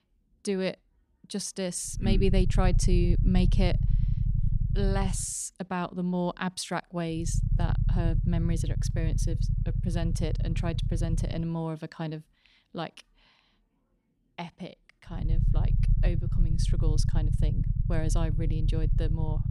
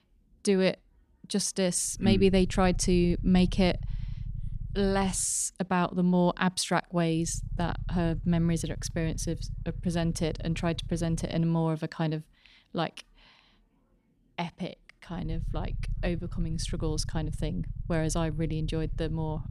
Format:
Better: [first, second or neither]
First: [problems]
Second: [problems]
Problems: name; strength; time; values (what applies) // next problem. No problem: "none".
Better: second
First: low rumble; loud; from 2 to 5 s, from 7.5 to 11 s and from 15 s on; 8 dB below the speech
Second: low rumble; faint; from 2 to 5 s, from 7.5 to 11 s and from 15 s on; 20 dB below the speech